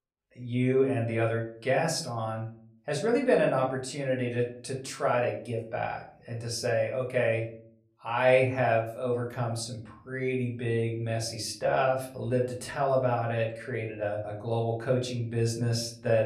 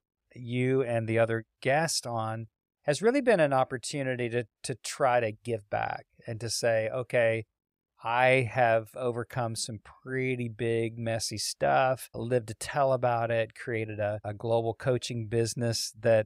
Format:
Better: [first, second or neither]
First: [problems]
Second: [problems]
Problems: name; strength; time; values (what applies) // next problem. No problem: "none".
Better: second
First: room echo; slight; dies away in 0.5 s // off-mic speech; far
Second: none